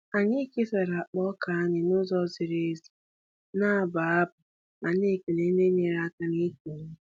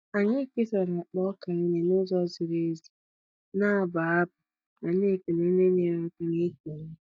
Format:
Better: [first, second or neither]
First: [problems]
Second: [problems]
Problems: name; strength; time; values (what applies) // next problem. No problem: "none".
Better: first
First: none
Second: noise reduction (neural mask model DeepFilterNet 3)